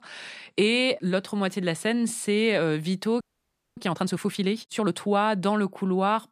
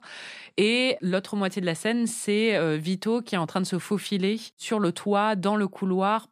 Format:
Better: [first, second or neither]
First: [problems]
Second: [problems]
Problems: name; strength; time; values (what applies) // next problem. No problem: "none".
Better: second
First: audio freezing; at 3 s for 0.5 s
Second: none